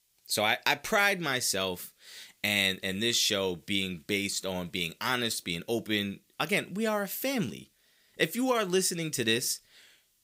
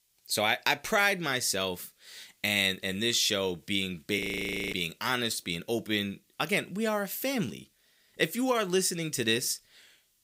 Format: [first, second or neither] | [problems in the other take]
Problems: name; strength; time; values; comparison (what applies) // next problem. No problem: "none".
first | audio freezing; at 4 s for 0.5 s